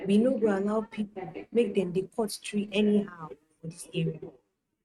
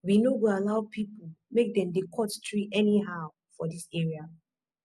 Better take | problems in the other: second | noise reduction (neural mask model RNNoise)

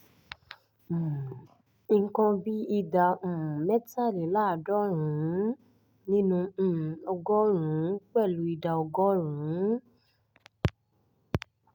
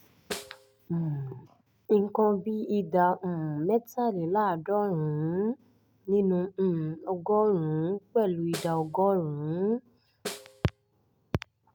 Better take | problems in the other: first | background sound (Snare drum); 16 dB below the speech

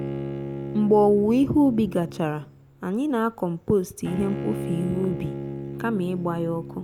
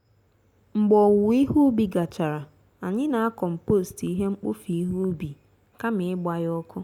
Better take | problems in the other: second | background sound (Bowed string instrument); 9 dB below the speech

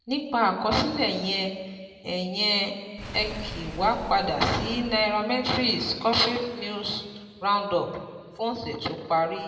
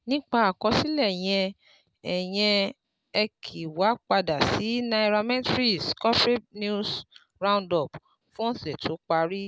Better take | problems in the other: second | background sound (Engine / Car); 11 dB below the speech // room echo; dies away in 1.6 s

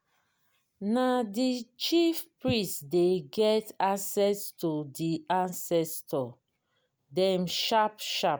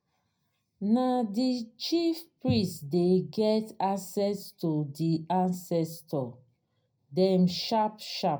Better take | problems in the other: first | room echo; dies away in 0.3 s

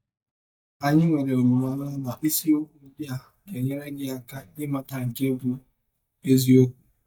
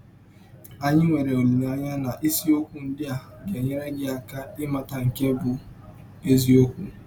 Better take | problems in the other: second | noise reduction (neural mask model DeepFilterNet 3)

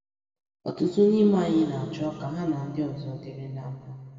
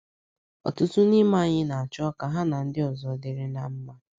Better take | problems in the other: second | room echo; dies away in 2.2 s

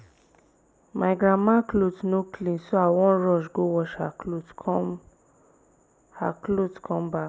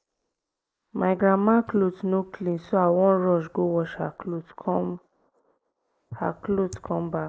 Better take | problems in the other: first | noise reduction (neural mask model Resemble Enhance denoiser)

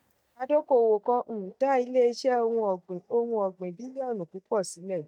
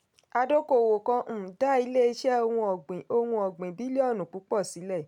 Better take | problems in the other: second | noise reduction (neural mask model DeepFilterNet 3)

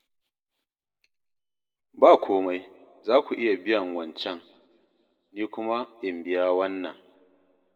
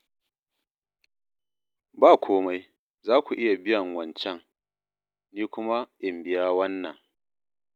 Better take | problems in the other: second | room echo; dies away in 0.8 s

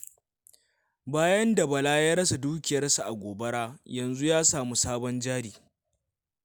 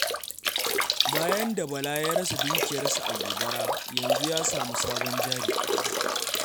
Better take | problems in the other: first | background sound (Drip / Trickle, dribble / Bathtub (filling or washing)); 5 dB above the speech

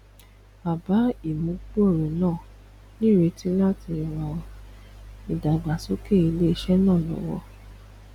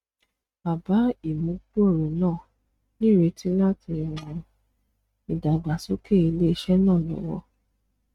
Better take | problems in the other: first | noise reduction (neural mask model RNNoise)

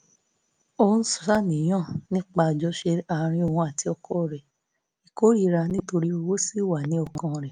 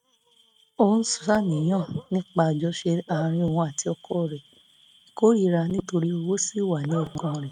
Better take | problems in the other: first | noise reduction (neural mask model RNNoise)

